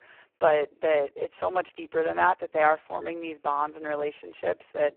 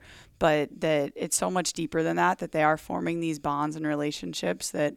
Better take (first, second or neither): second